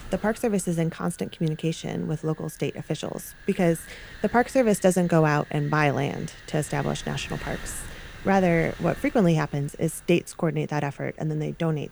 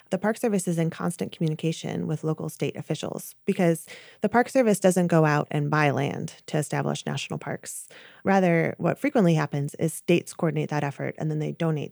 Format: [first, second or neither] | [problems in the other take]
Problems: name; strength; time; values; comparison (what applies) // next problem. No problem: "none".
second | wind noise on the microphone; occasional gusts; 15 dB below the speech